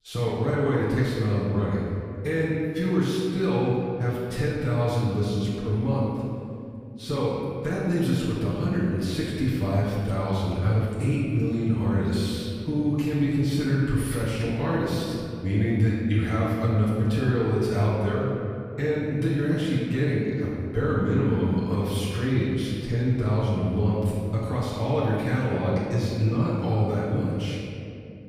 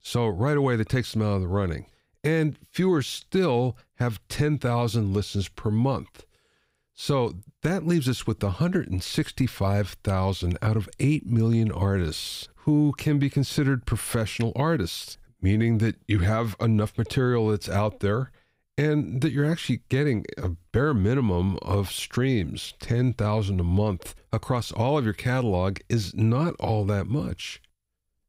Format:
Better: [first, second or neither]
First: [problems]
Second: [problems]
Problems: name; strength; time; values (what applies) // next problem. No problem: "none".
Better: second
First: off-mic speech; far // room echo; strong; dies away in 2.4 s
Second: none